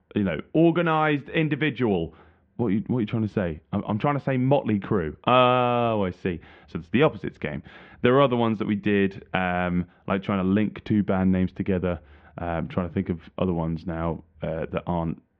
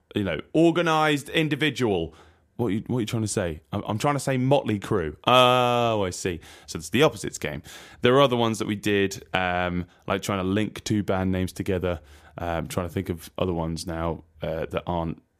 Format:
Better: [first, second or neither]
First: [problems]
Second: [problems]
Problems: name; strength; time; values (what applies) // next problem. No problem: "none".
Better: second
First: muffled; very; fading above 3 kHz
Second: none